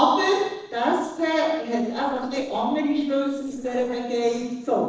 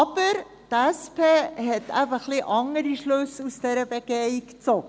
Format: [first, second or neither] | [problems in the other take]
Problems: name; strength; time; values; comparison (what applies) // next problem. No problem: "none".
second | noise reduction (neural separator model SepFormer DNS4)